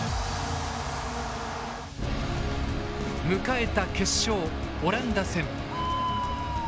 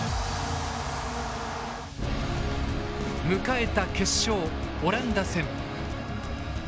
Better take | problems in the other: second | background sound (Bird); 10 dB below the speech

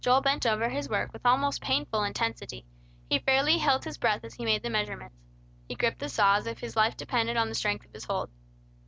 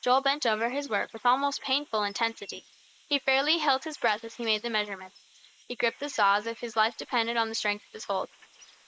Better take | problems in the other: first | noise reduction (neural mask model Resemble Enhance denoiser)

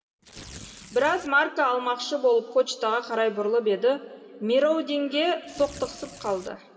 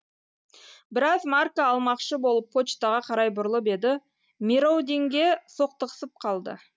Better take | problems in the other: second | background sound (Tearing); 19 dB below the speech // room echo; dies away in 2.2 s

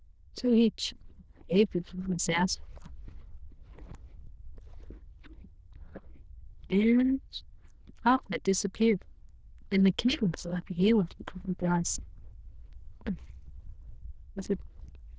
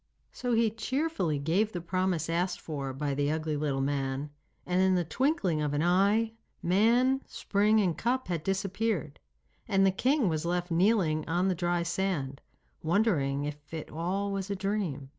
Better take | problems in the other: second | noise reduction (neural diffusion model UNIVERSE++)

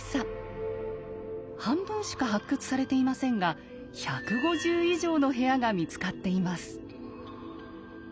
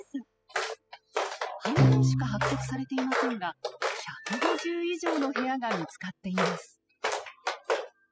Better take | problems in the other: first | noise reduction (classical method spectral subtraction)

